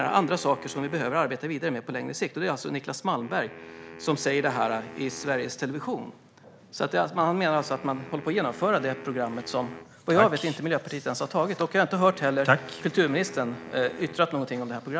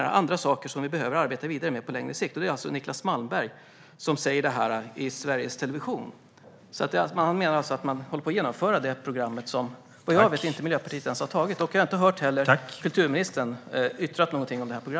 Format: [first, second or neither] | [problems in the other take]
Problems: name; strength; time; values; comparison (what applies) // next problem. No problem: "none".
second | background sound (Wind instrument, woodwind instrument); 18 dB below the speech